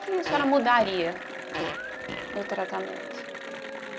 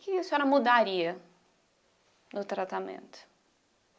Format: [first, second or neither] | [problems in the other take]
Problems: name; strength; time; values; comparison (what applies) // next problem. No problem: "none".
second | background sound (Fart + Applause / Cheering); 6 dB below the speech